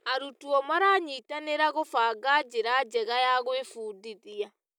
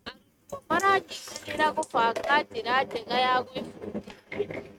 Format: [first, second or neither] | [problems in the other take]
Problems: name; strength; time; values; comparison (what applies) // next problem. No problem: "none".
first | noise reduction (neural mask model RNNoise)